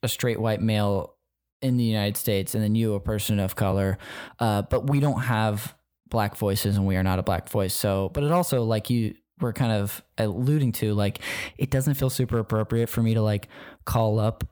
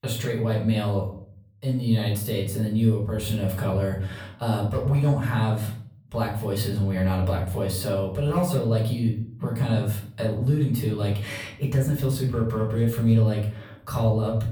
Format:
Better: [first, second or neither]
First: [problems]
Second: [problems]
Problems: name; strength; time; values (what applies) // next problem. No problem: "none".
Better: first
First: none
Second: off-mic speech; far // room echo; slight; dies away in 0.6 s